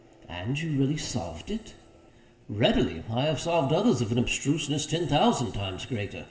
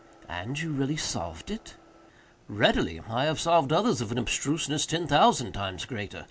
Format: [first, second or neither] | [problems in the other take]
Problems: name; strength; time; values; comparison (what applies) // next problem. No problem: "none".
second | room echo; dies away in 2.1 s